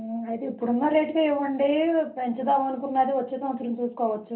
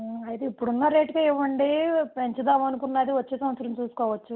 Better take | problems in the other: second | room echo; dies away in 0.3 s

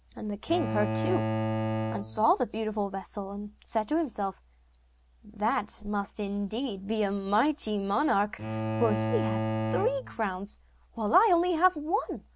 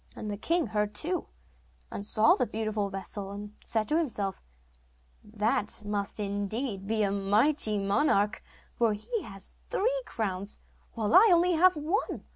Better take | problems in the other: second | background sound (Bowed string instrument); 4 dB below the speech

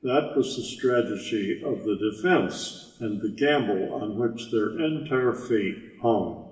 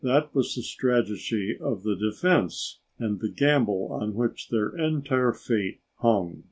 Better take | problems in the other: second | room echo; dies away in 1.1 s

